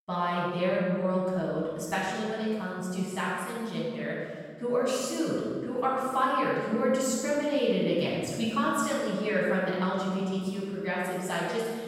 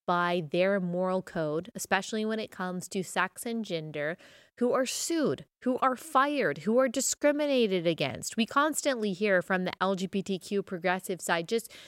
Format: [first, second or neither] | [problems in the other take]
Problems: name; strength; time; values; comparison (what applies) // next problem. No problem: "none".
second | off-mic speech; far // room echo; strong; dies away in 1.6 s